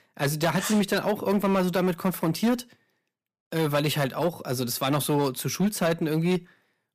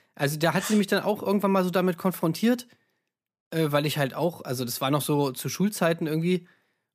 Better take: second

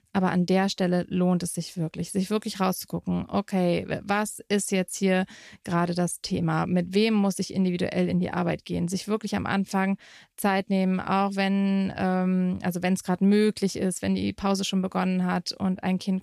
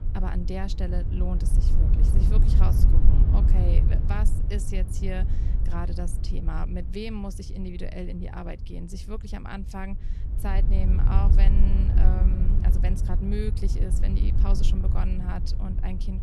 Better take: first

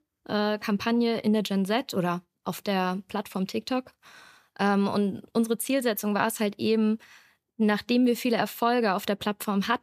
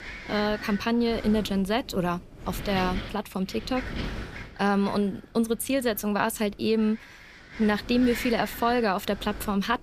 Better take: first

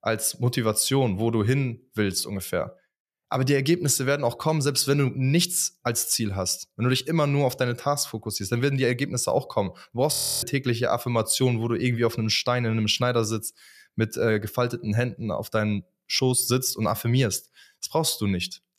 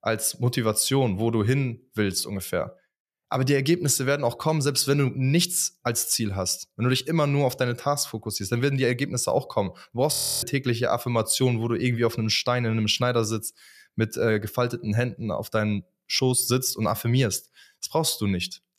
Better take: neither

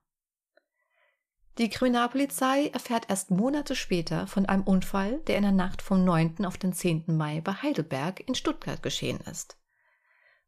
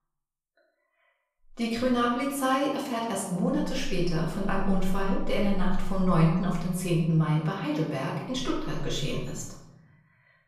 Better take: first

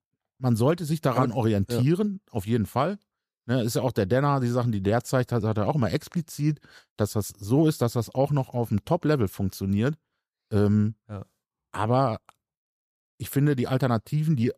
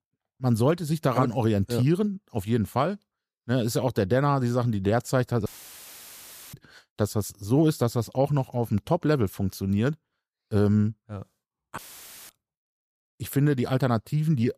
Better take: first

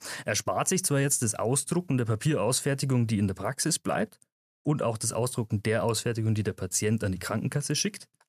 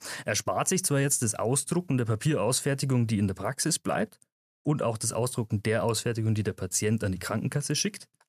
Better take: neither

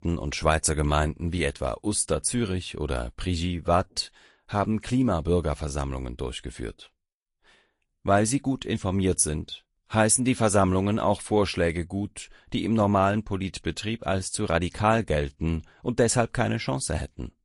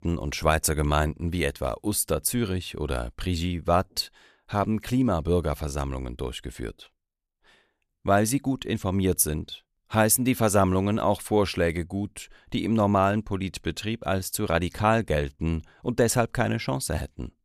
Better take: second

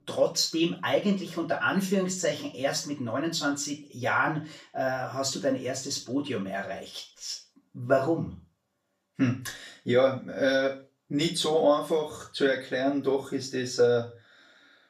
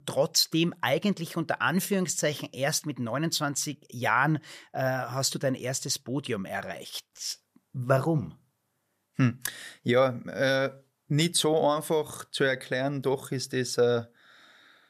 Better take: second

